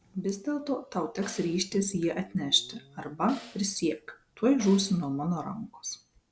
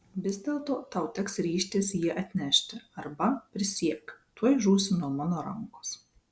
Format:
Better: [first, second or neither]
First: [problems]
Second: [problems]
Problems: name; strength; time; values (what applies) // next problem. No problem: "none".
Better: second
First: background sound (Guitar + Snare drum); 20 dB below the speech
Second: none